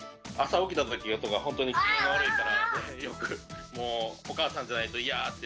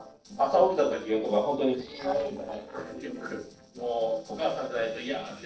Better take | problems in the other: first | noise reduction (neural separator model SepFormer DNS4)

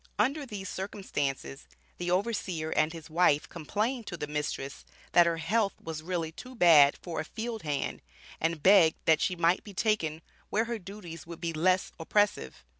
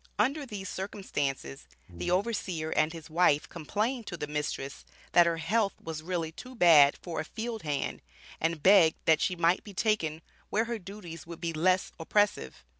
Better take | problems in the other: first | background sound (Brass instrument); 16 dB below the speech

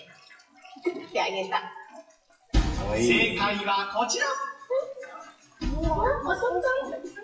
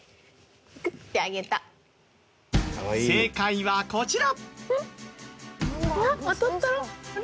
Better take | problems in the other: second | noise reduction (classical method WPE with log-MMSE)

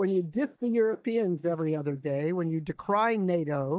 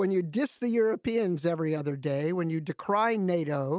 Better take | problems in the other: second | noise reduction (neural mask model DeepFilterNet 3)

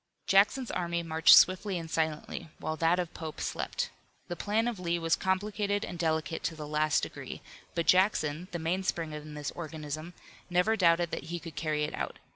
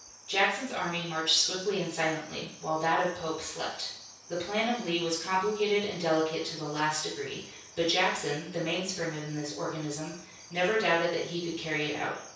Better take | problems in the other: first | background sound (Cricket); 20 dB below the speech // room echo; dies away in 0.6 s

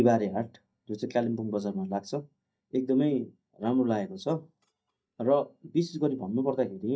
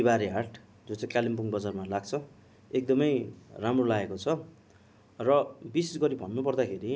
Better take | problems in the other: second | noise reduction (neural mask model DeepFilterNet 3)

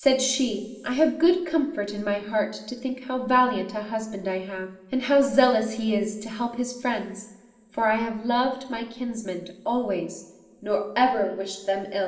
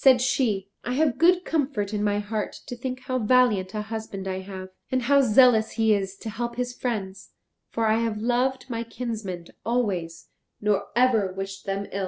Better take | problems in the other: second | room echo; dies away in 1.9 s

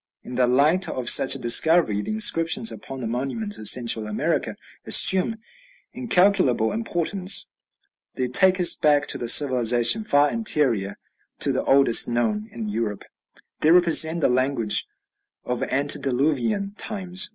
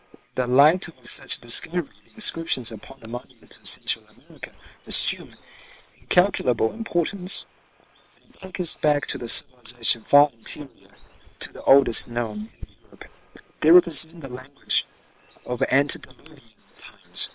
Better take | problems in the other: first | noise reduction (neural separator model SepFormer WHAM!)

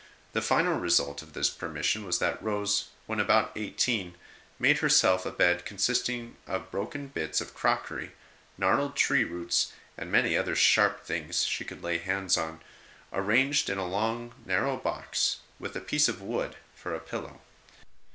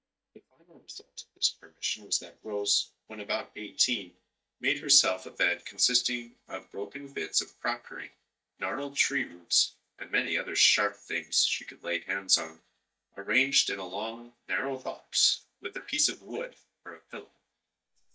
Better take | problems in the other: first | noise reduction (neural mask model DeepFilterNet 3)

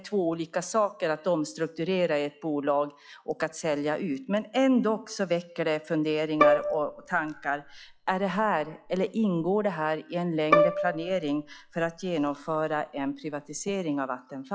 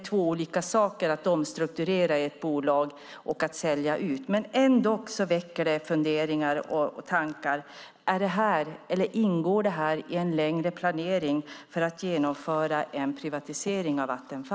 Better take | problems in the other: second | noise reduction (classical method log-MMSE)

